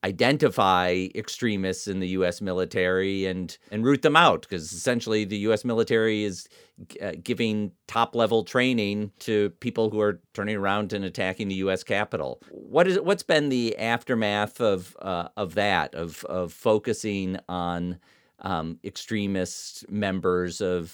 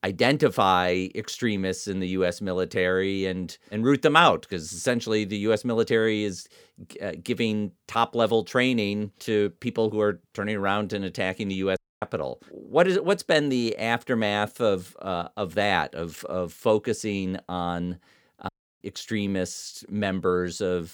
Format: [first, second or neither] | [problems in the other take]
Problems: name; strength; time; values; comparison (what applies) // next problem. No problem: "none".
first | audio cutting out; at 12 s and at 18 s